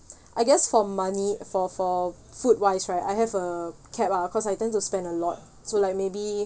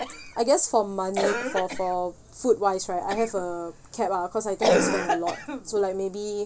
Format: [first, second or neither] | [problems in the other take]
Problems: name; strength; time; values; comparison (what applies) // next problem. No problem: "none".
first | background sound (Cough); 4 dB below the speech